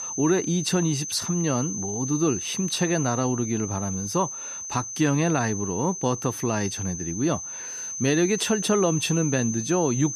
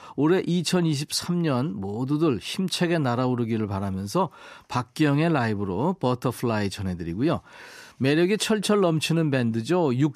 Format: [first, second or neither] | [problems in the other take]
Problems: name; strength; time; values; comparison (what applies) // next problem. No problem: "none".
second | high-pitched whine; loud; throughout; 6 kHz, 5 dB below the speech